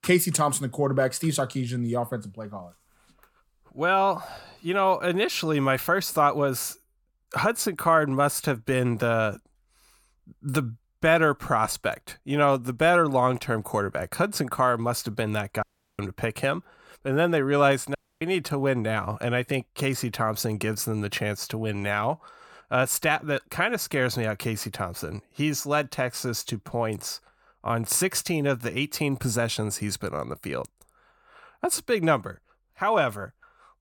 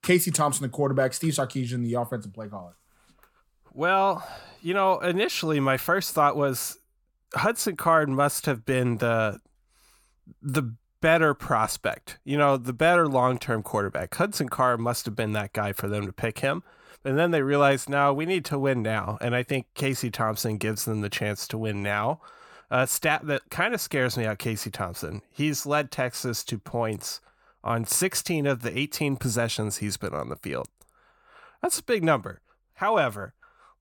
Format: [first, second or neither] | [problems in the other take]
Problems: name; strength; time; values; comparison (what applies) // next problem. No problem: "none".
second | audio cutting out; at 16 s and at 18 s